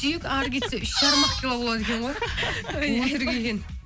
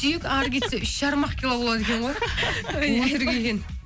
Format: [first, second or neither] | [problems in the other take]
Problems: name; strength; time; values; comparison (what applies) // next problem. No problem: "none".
second | background sound (Squeak); 3 dB above the speech